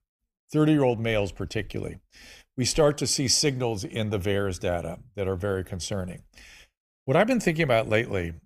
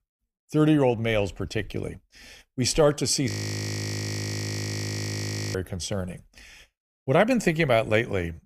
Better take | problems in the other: first | audio freezing; at 3.5 s for 2.5 s

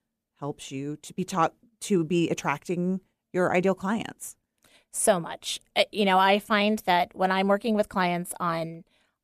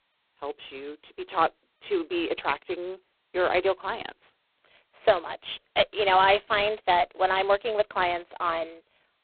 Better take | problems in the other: first | phone-call audio; poor line; nothing above 4 kHz

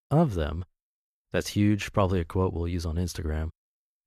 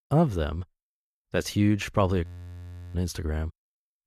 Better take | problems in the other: first | audio freezing; at 2.5 s for 0.5 s

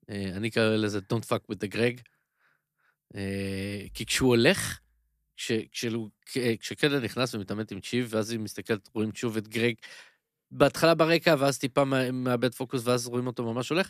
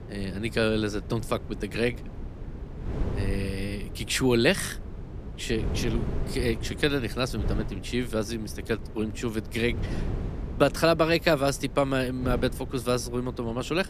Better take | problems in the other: first | wind noise on the microphone; occasional gusts; 15 dB below the speech

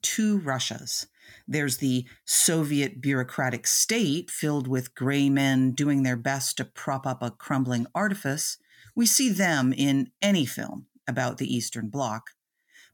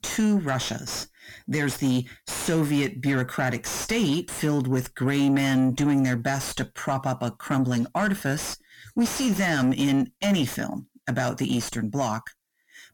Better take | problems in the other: first | distortion; heavy; 6 dB below the speech

